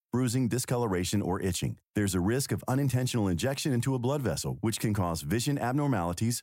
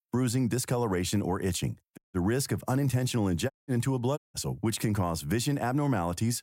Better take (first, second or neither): first